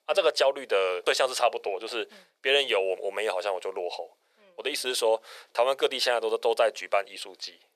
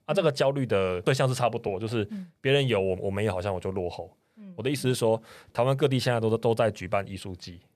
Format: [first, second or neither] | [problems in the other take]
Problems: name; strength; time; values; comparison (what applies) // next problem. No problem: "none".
second | thin; very; fading below 450 Hz